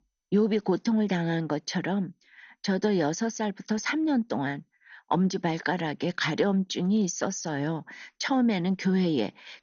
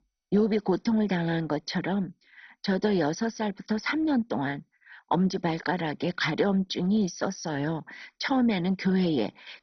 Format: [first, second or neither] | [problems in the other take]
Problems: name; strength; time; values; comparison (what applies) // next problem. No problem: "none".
first | garbled, watery; badly; nothing above 6 kHz; slightly in the first